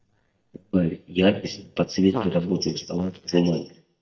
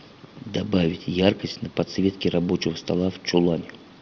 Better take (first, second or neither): second